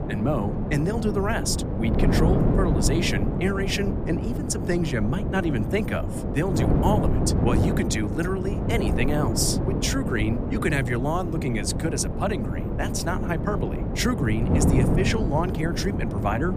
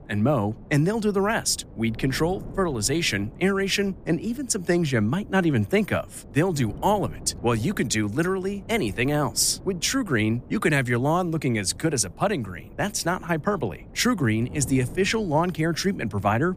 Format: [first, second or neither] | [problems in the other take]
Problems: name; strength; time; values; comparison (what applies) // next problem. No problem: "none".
second | wind noise on the microphone; heavy; 3 dB below the speech; occasional gusts in the second